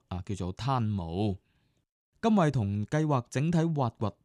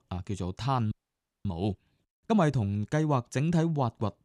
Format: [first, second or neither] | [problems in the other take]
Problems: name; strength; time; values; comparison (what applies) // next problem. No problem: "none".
first | audio freezing; at 1 s for 0.5 s